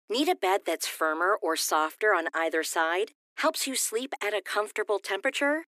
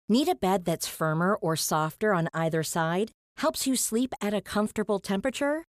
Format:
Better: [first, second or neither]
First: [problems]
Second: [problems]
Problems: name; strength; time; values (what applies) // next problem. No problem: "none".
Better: second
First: thin; somewhat; fading below 300 Hz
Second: none